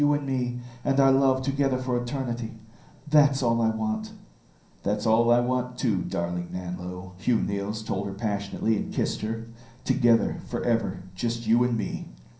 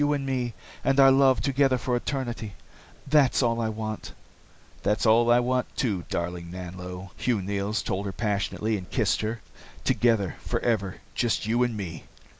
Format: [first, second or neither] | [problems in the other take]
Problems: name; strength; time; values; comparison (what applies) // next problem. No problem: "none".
second | room echo; dies away in 0.6 s